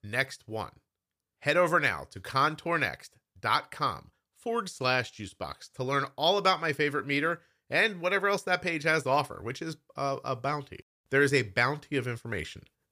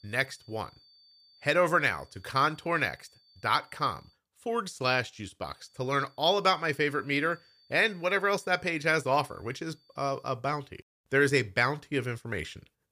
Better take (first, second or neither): first